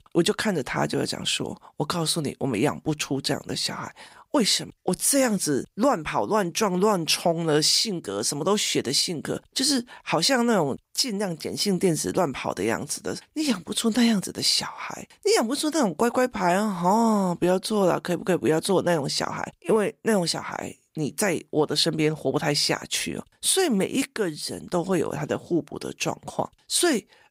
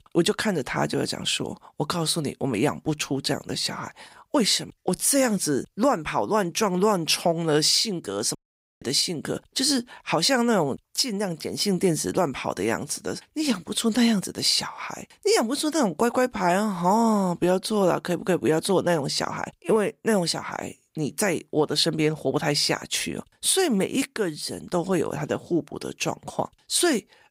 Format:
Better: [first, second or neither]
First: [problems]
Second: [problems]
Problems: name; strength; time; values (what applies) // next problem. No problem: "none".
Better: first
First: none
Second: audio cutting out; at 8.5 s